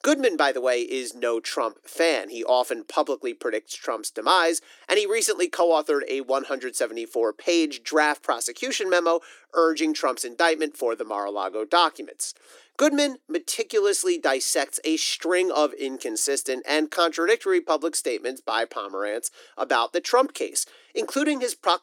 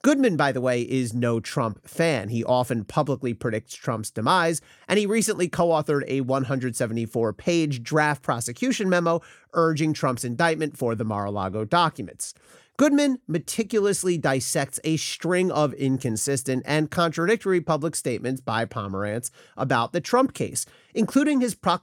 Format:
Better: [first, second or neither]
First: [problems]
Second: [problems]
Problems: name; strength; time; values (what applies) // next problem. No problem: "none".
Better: second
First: thin; somewhat; fading below 300 Hz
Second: none